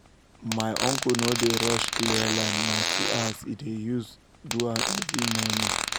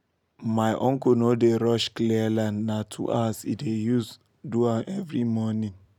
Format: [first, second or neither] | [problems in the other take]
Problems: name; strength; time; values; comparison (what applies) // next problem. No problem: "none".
second | background sound (Fart); as loud as the speech